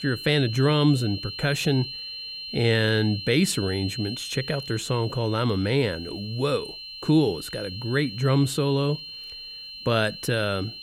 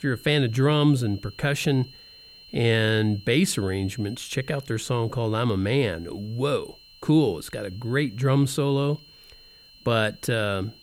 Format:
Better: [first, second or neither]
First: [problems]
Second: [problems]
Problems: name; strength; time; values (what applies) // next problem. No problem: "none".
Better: second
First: high-pitched whine; loud; throughout; 4 kHz, 10 dB below the speech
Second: high-pitched whine; faint; throughout; 4 kHz, 25 dB below the speech